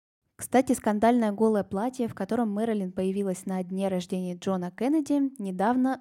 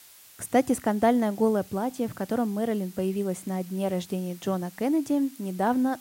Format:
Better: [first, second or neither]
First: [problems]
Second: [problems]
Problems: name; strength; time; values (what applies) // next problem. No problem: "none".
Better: first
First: none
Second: hiss; faint; throughout; 20 dB below the speech